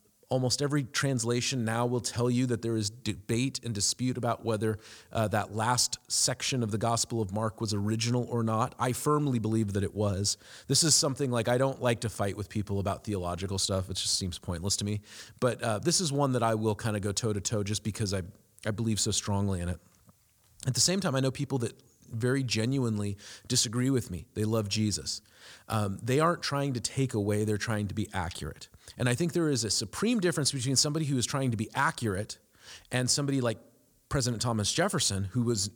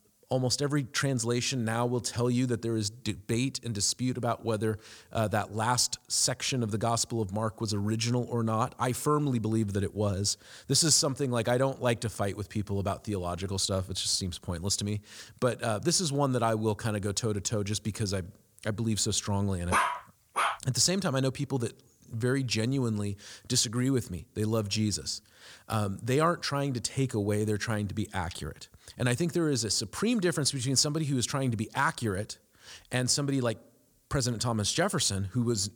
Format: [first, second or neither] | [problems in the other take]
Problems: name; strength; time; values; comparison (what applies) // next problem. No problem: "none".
first | dog barking; loud; at 20 s; peak 2 dB above the speech